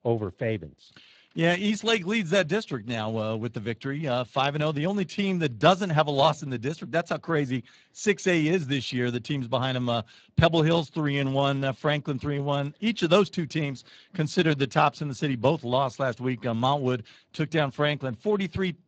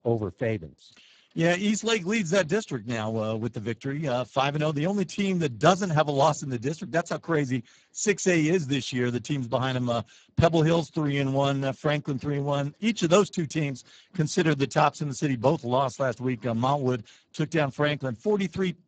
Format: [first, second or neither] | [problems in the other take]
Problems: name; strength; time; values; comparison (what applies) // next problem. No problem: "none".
first | garbled, watery; badly; nothing above 7.5 kHz; slightly in the first